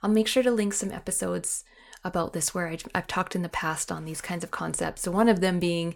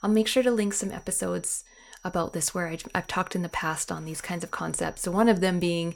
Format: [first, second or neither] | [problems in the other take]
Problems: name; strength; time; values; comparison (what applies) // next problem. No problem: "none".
first | high-pitched whine; faint; throughout; 6 kHz, 30 dB below the speech